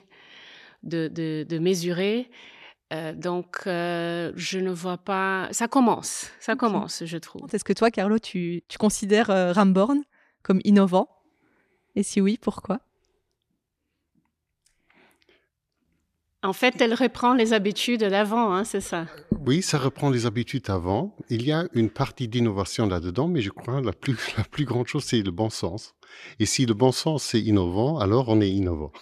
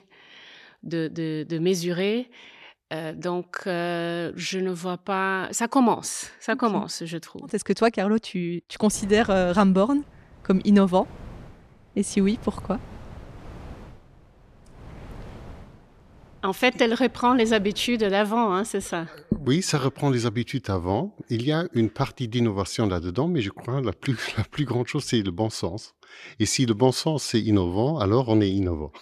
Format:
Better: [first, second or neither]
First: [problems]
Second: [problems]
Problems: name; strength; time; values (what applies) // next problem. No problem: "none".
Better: first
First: none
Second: wind noise on the microphone; occasional gusts; from 9 to 18 s; 25 dB below the speech